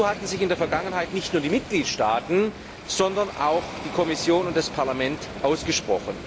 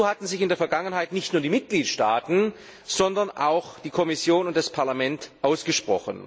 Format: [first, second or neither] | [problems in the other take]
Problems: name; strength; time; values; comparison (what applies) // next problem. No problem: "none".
second | background sound (Waves, surf); 11 dB below the speech